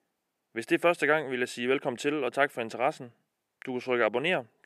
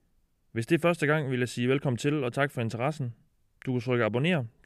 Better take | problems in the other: second | thin; somewhat; fading below 350 Hz

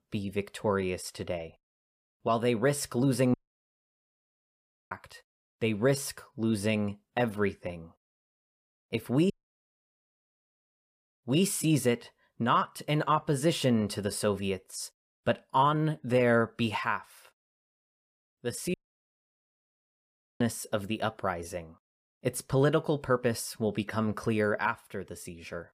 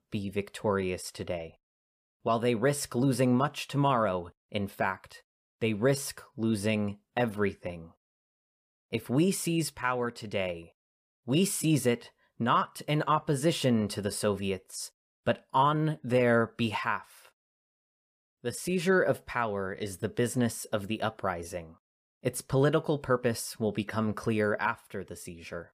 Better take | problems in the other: second | audio cutting out; at 3.5 s for 1.5 s, at 9.5 s for 1.5 s and at 19 s for 1.5 s

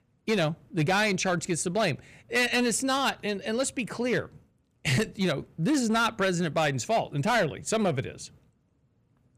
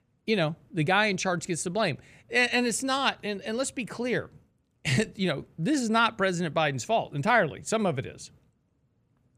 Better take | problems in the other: second | distortion; slight; 6% of the sound clipped

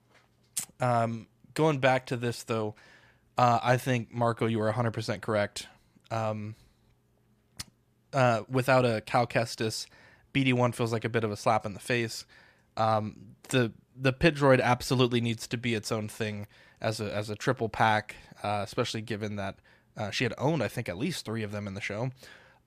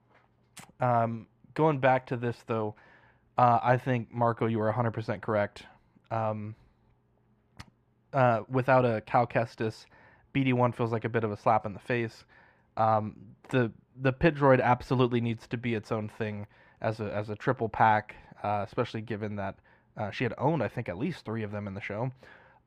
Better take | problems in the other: first | muffled; very; fading above 3.5 kHz

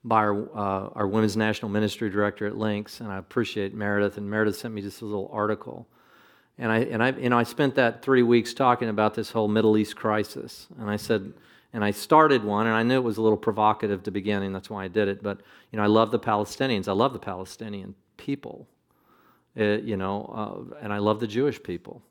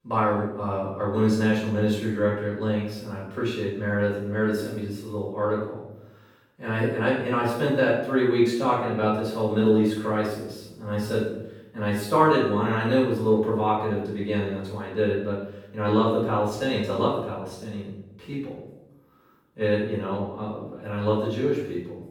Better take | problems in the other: first | off-mic speech; far // room echo; noticeable; dies away in 0.8 s

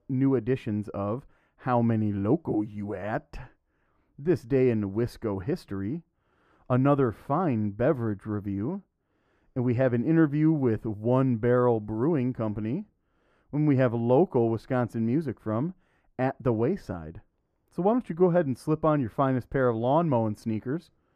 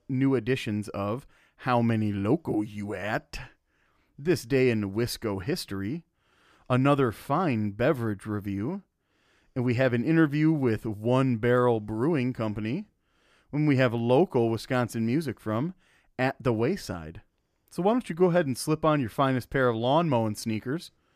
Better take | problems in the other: second | muffled; slightly; fading above 2 kHz

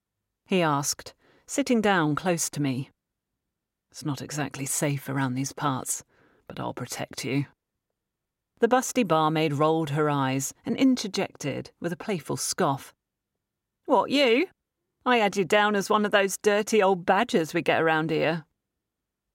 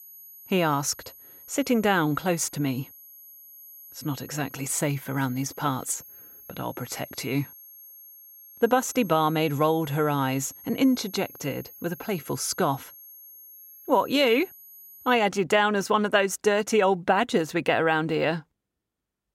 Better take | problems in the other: first | high-pitched whine; noticeable; until 15 s; 11.5 kHz, 20 dB below the speech

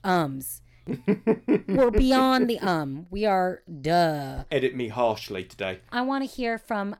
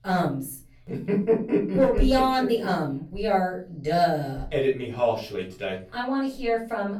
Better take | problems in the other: first | off-mic speech; far // room echo; very slight; dies away in 0.3 s

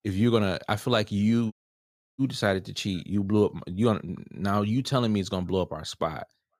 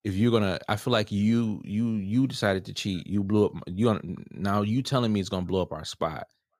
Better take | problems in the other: second | audio cutting out; at 1.5 s for 0.5 s

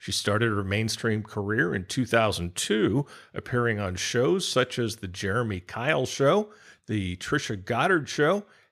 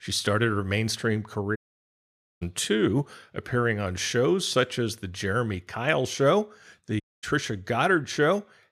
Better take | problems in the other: first | audio cutting out; at 1.5 s for 1 s and at 7 s

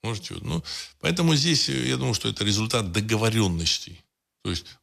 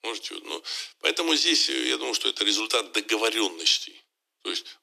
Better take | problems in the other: first | thin; very; fading below 300 Hz

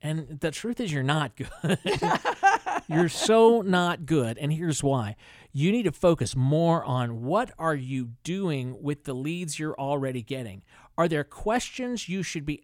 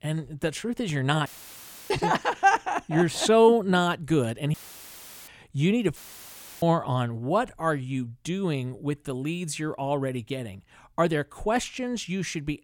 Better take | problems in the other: first | audio cutting out; filled with static; at 1.5 s for 0.5 s, at 4.5 s for 0.5 s and at 6 s for 0.5 s

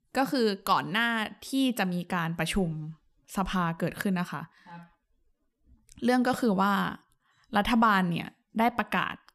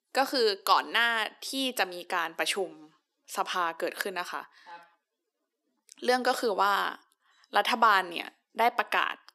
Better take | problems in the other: first | thin; very; fading below 350 Hz

